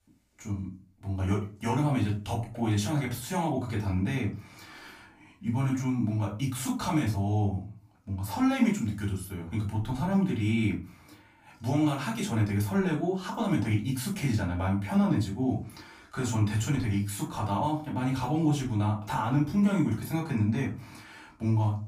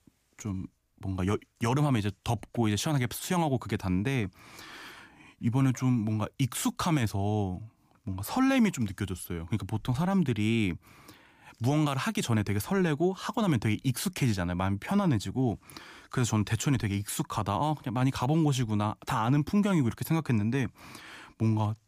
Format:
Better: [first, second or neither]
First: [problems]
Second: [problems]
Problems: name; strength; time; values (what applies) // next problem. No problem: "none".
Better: second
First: off-mic speech; far // room echo; slight; dies away in 0.3 s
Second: none